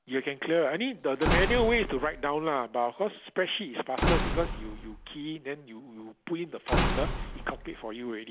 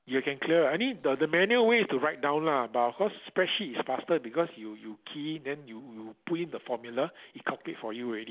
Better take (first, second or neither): second